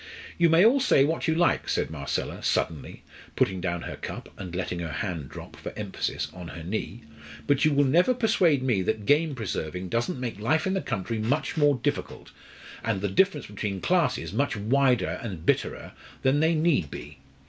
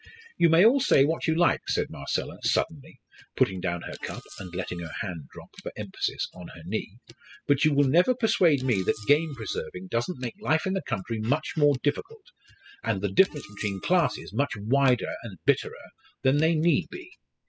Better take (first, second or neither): first